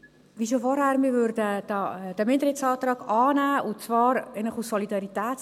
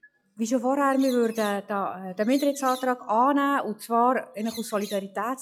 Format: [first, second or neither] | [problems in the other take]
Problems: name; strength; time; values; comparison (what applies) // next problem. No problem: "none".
first | noise reduction (classical method log-MMSE)